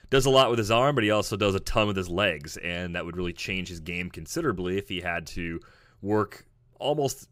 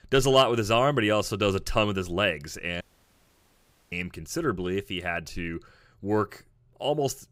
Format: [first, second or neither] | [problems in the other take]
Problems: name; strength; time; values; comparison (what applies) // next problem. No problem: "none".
first | audio cutting out; at 3 s for 1 s